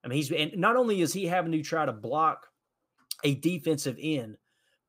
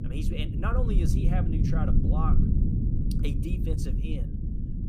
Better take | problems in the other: first | low rumble; loud; throughout; 1 dB below the speech

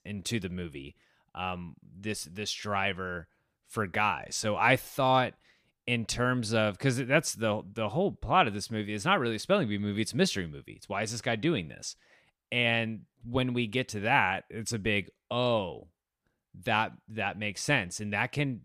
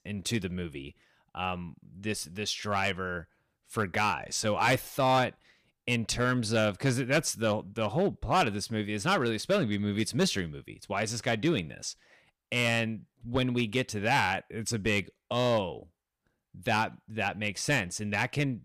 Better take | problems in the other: first | distortion; slight; 3% of the sound clipped

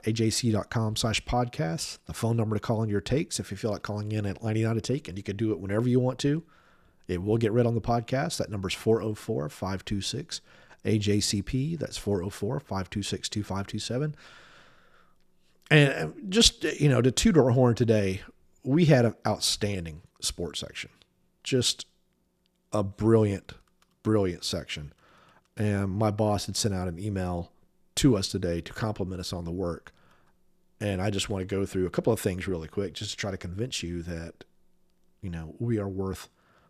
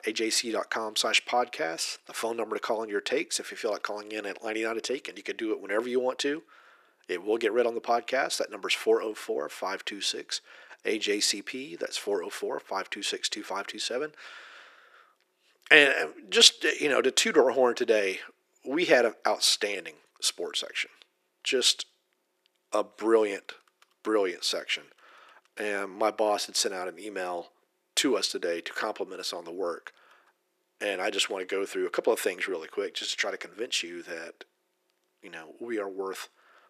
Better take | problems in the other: first | thin; very; fading below 350 Hz

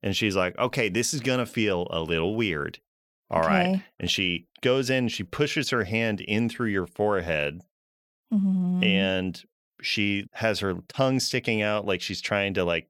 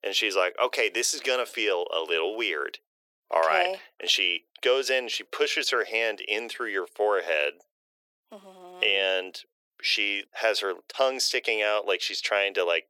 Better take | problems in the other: first | thin; very; fading below 400 Hz

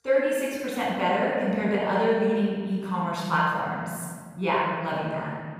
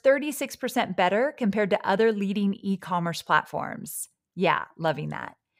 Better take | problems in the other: second | off-mic speech; far // room echo; strong; dies away in 2.3 s

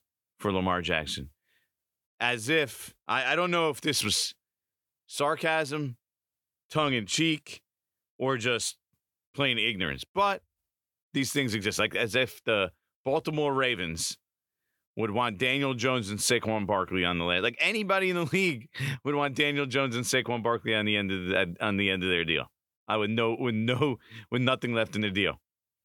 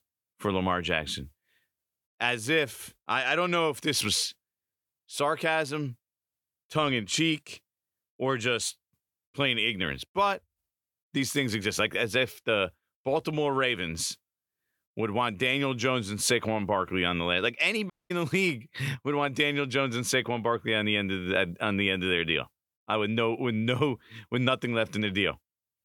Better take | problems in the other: first | audio cutting out; at 18 s

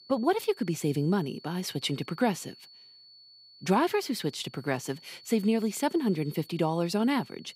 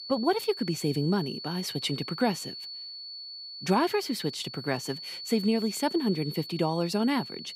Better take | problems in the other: first | high-pitched whine; loud; throughout; 4.5 kHz, 9 dB below the speech; faint in the first

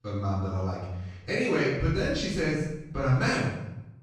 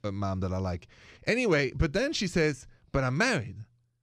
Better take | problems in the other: second | room echo; strong; dies away in 0.8 s // off-mic speech; far

